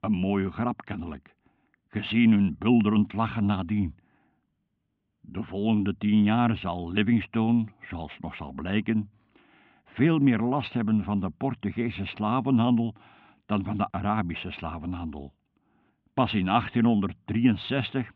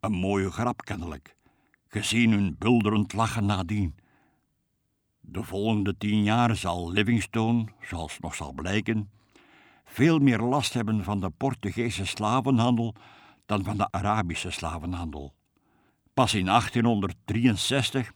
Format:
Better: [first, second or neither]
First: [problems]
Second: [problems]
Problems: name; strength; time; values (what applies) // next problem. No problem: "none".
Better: second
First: muffled; very; fading above 3 kHz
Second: none